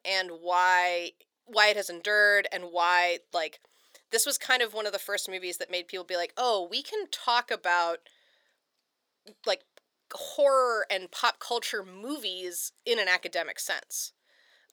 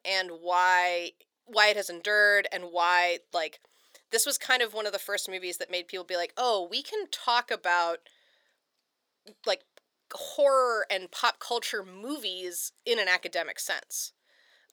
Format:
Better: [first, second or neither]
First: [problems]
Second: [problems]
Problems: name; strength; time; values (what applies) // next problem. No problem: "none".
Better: neither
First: thin; somewhat; fading below 550 Hz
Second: thin; somewhat; fading below 550 Hz